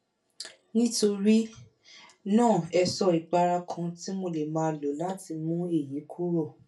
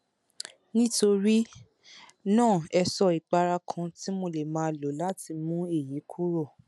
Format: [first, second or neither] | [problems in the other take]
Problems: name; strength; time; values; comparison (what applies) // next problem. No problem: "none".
second | room echo; dies away in 0.2 s